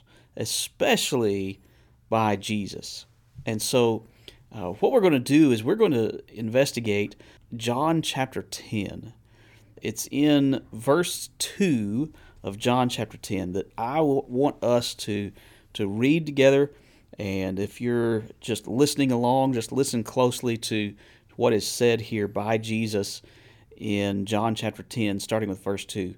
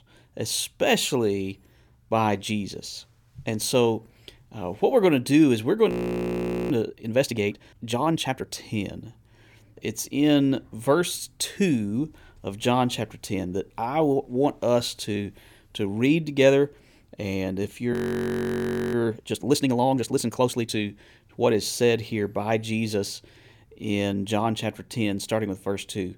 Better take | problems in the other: first | audio freezing; at 6 s for 1 s and at 18 s for 1 s

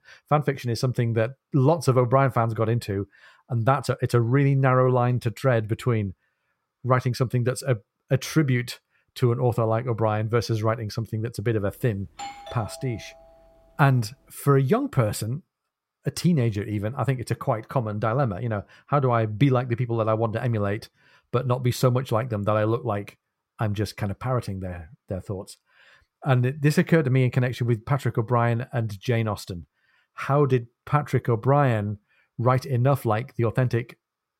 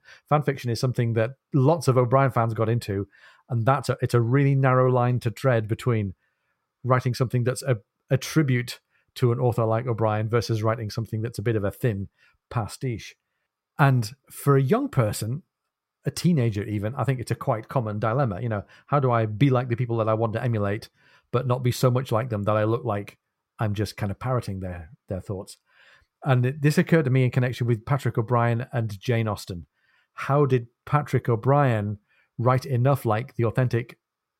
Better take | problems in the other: second | doorbell; faint; from 12 to 13 s; peak 15 dB below the speech

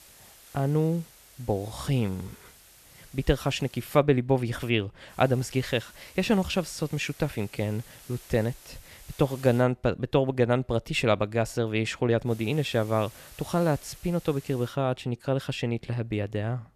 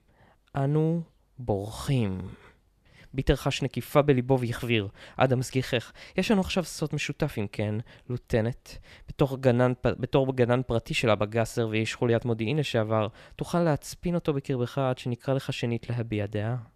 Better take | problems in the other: second | hiss; faint; until 4 s, from 5 to 9.5 s and from 12 to 15 s; 20 dB below the speech

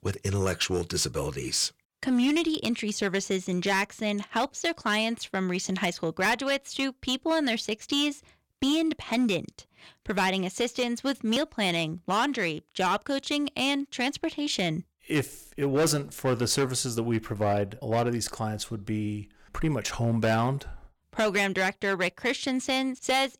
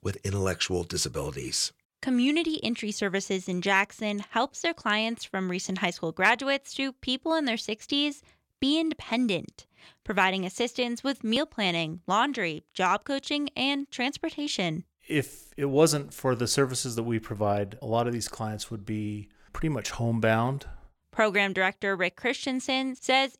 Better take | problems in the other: second | distortion; slight; 6% of the sound clipped

